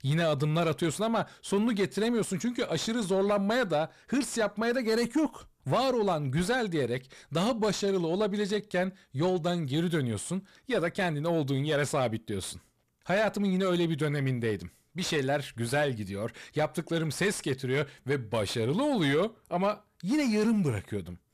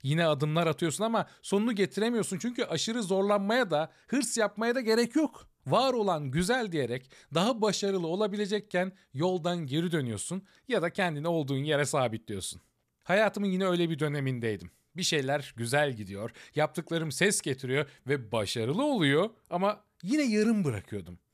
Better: second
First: distortion; slight; 10 dB below the speech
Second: none

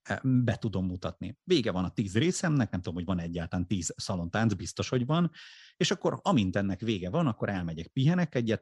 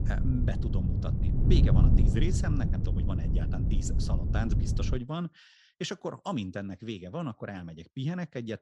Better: first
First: none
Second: wind noise on the microphone; heavy; until 5 s; 2 dB below the speech

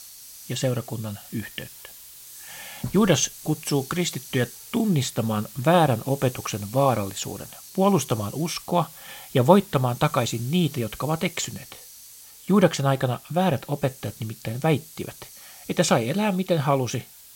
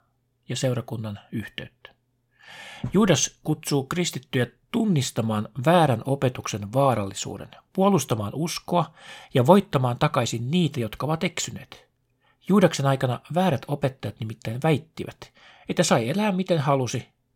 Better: second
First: hiss; noticeable; throughout; 15 dB below the speech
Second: none

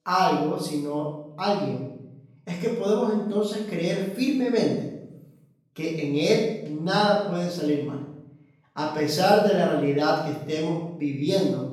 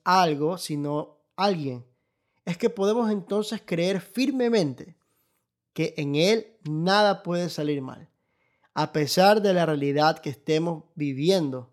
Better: second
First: off-mic speech; far // room echo; noticeable; dies away in 0.8 s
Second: none

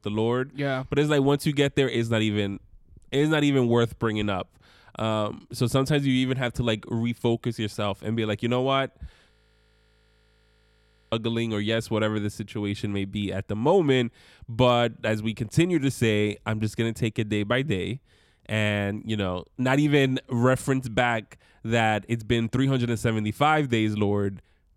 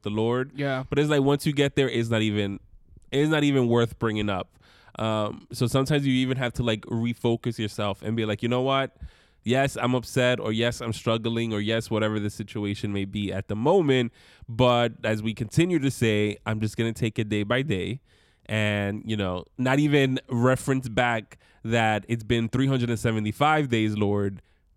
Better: second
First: audio freezing; at 9.5 s for 2 s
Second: none

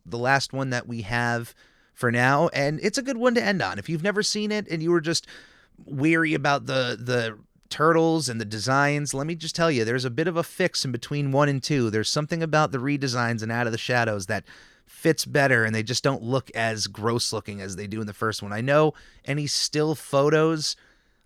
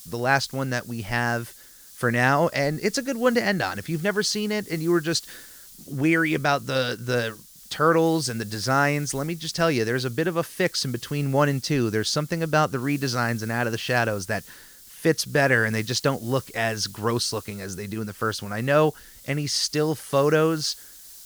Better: first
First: none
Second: hiss; noticeable; throughout; 20 dB below the speech

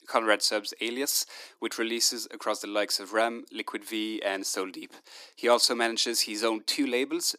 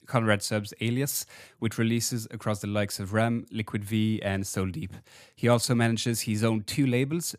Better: second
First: thin; somewhat; fading below 300 Hz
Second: none

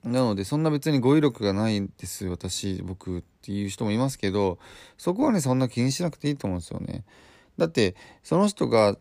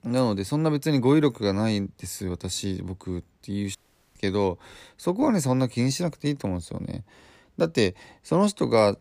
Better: first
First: none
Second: audio cutting out; at 4 s

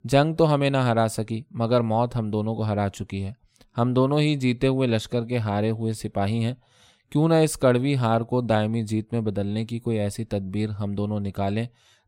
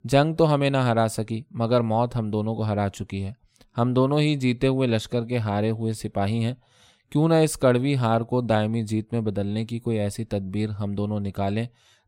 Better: neither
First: none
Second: none

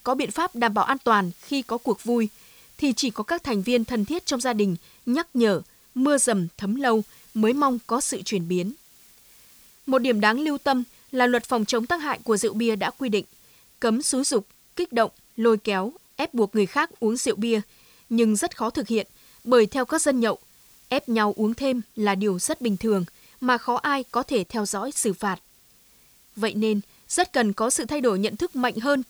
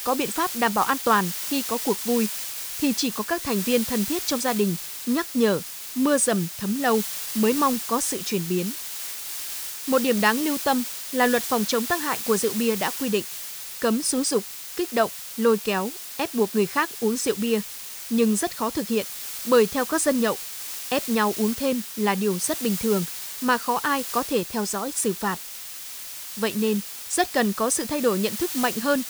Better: first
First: hiss; faint; throughout; 25 dB below the speech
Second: hiss; loud; throughout; 6 dB below the speech

